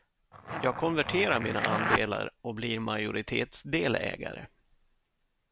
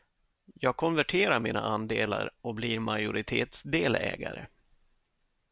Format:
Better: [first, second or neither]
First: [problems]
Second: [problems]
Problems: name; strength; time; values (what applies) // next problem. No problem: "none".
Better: second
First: background sound (Zipper (clothing)); 1 dB below the speech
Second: none